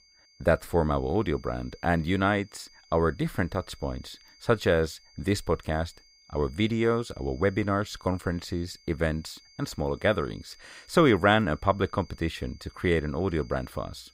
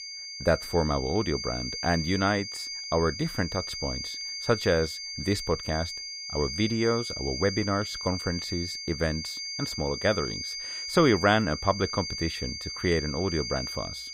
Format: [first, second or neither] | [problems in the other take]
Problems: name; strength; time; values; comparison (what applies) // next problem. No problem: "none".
first | high-pitched whine; loud; throughout; 5 kHz, 5 dB below the speech; faint in the first